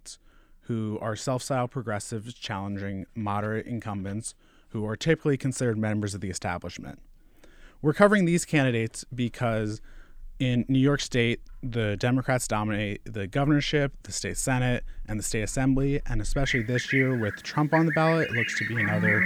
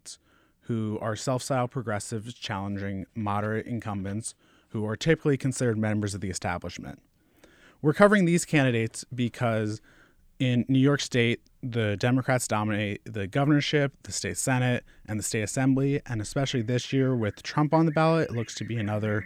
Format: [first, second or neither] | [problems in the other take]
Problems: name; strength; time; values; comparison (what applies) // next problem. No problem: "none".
second | animal sounds; loud; throughout; 3 dB below the speech; faint in the second